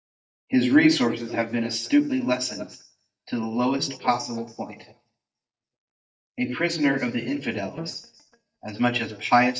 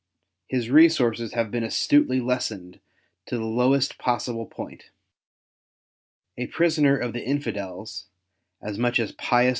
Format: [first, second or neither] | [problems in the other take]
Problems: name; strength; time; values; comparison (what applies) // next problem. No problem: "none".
second | noise reduction (neural mask model DeepFilterNet 3)